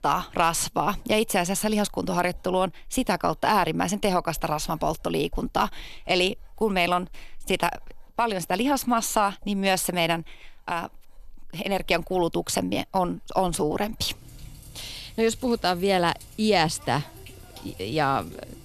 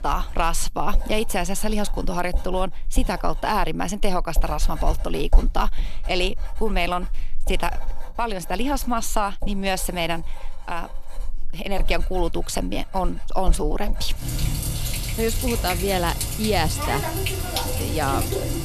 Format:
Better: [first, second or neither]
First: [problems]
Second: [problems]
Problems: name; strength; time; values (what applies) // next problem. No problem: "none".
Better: first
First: household noises; faint; throughout; 25 dB below the speech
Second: household noises; loud; throughout; 3 dB below the speech